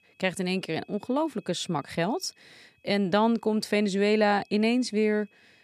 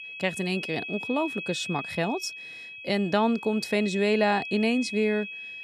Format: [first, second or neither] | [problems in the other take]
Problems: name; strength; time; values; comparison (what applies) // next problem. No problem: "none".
first | high-pitched whine; loud; throughout; 2.5 kHz, 8 dB below the speech; faint in the first